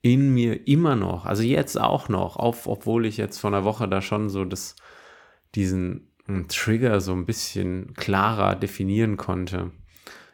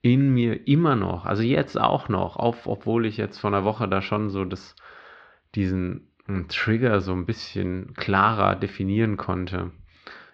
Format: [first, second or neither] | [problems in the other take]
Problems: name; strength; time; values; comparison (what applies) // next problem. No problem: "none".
first | muffled; slightly; fading above 4.5 kHz